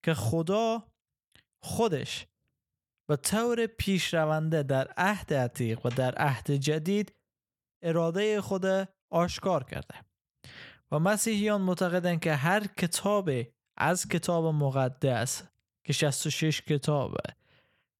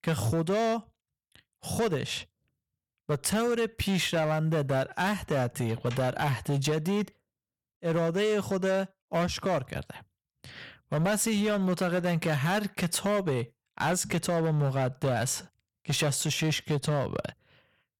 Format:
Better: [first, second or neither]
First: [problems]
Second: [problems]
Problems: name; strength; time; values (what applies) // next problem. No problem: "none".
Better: first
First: none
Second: distortion; slight; 12% of the sound clipped